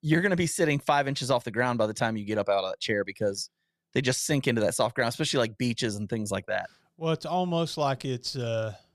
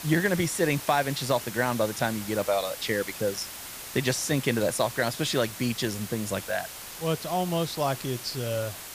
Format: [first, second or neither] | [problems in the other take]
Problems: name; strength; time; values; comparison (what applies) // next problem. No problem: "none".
first | hiss; loud; throughout; 9 dB below the speech